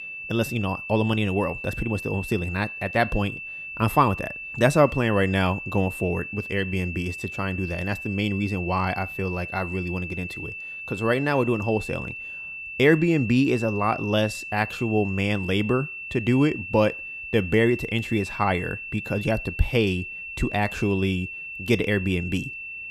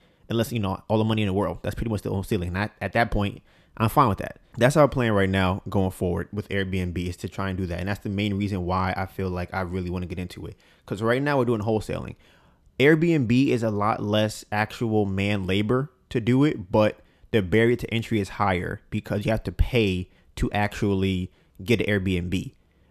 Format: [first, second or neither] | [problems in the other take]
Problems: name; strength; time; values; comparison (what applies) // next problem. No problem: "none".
second | high-pitched whine; loud; throughout; 2.5 kHz, 8 dB below the speech